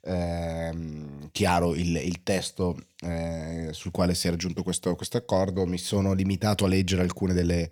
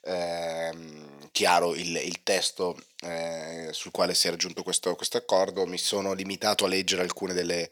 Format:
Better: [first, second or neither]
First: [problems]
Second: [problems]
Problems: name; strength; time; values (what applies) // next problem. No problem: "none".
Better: first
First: none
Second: thin; somewhat; fading below 450 Hz